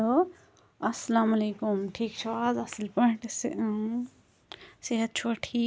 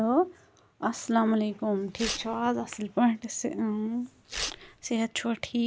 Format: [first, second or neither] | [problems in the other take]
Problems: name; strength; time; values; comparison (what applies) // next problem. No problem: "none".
first | background sound (Tearing); 11 dB below the speech